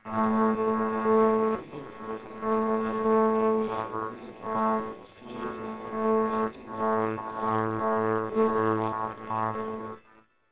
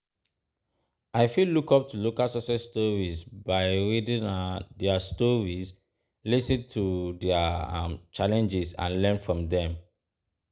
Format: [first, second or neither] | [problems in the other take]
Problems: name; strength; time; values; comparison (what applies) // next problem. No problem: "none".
second | noise reduction (neural separator model SepFormer WHAMR!)